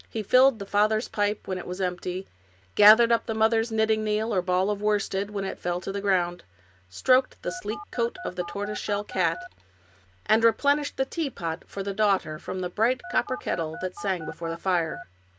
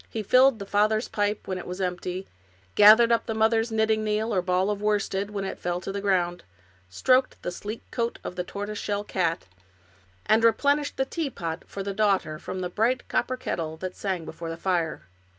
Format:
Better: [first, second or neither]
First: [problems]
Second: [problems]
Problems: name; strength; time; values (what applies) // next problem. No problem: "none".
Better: second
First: background sound (Telephone); 13 dB below the speech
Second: none